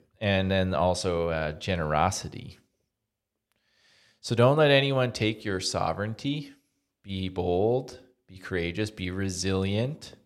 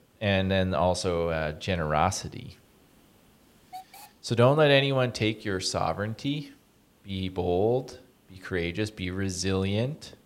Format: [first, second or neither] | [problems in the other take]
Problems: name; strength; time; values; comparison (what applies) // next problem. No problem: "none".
first | hiss; faint; throughout; 30 dB below the speech